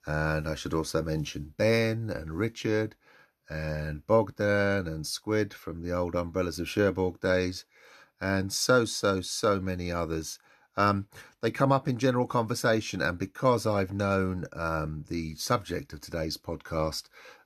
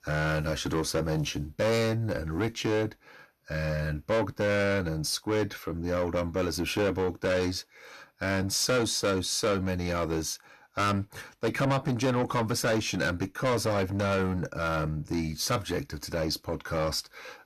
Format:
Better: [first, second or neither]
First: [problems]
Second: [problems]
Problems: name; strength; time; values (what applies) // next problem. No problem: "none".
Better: first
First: none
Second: distortion; heavy; 7 dB below the speech